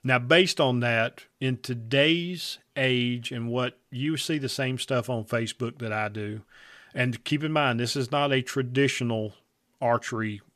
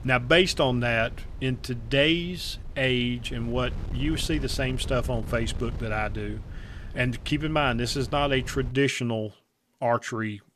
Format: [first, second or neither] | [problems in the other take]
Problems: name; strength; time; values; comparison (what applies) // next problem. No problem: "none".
first | wind noise on the microphone; occasional gusts; until 8.5 s; 20 dB below the speech